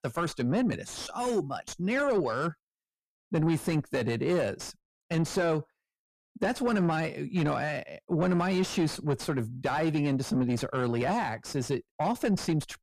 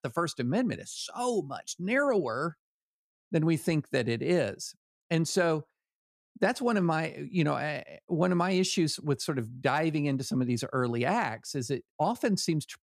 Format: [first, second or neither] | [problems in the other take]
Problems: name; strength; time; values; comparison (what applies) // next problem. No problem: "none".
second | distortion; slight; 9 dB below the speech